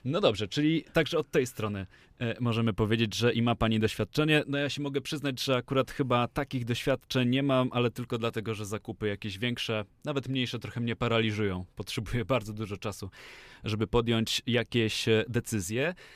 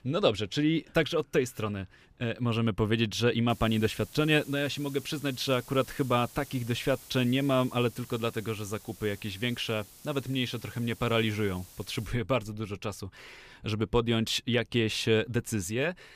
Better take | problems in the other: first | hiss; noticeable; from 3.5 to 12 s; 20 dB below the speech

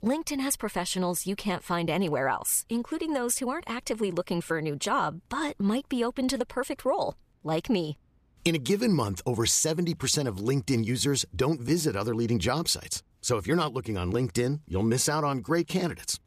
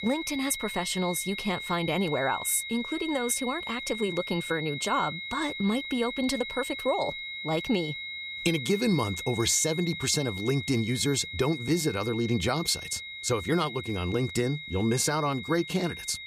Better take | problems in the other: first | high-pitched whine; loud; throughout; 2 kHz, 7 dB below the speech

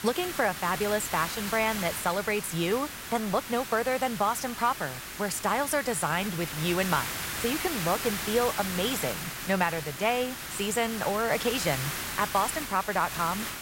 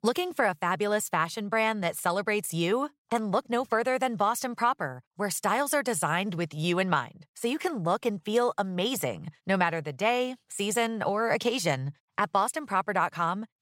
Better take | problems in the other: second | hiss; loud; throughout; 5 dB below the speech

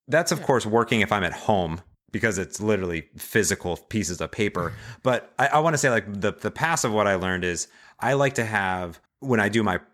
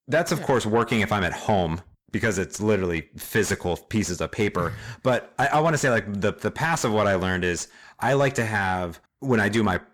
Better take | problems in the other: first | distortion; slight; 10 dB below the speech

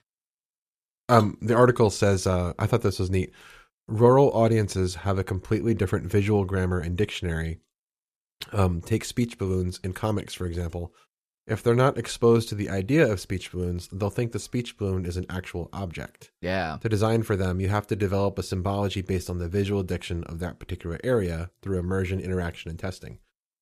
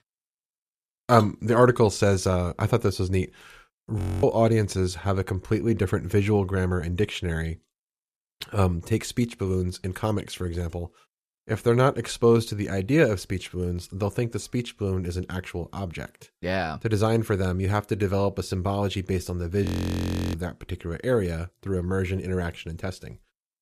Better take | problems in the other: first | audio freezing; at 4 s and at 20 s for 0.5 s

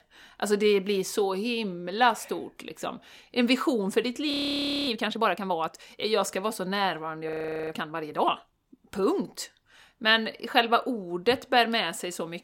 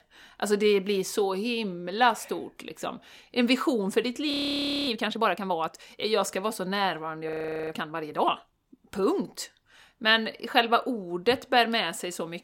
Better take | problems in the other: neither | audio freezing; at 4.5 s for 0.5 s and at 7.5 s; the same in both

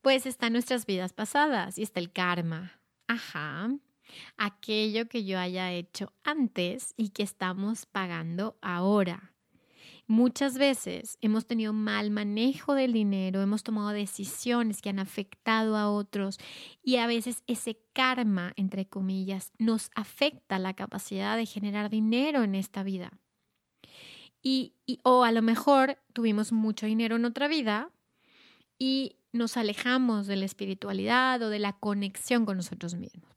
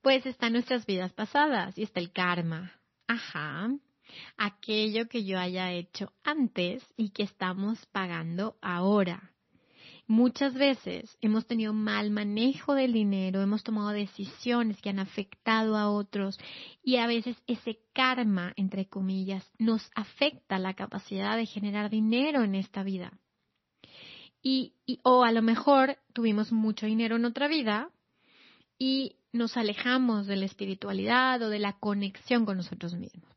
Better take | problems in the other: first | garbled, watery; slightly; nothing above 5 kHz

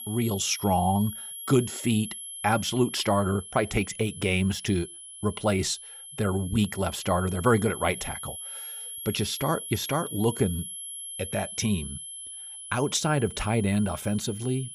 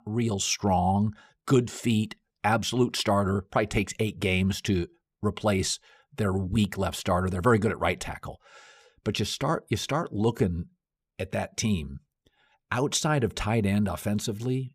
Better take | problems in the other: second | high-pitched whine; noticeable; throughout; 11 kHz, 10 dB below the speech

